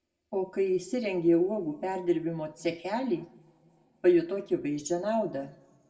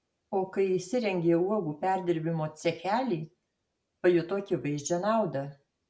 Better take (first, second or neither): second